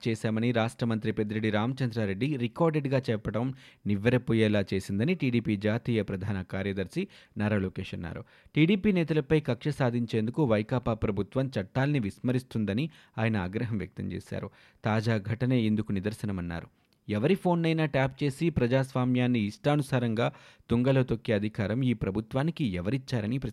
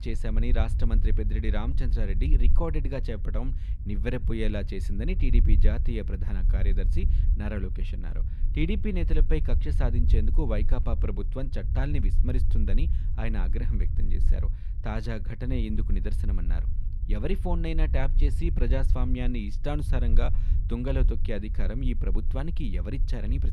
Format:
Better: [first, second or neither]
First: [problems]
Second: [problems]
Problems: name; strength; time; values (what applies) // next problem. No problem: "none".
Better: first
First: none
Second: low rumble; noticeable; throughout; 10 dB below the speech